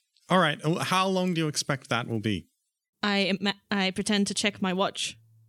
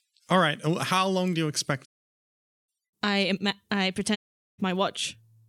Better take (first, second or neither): first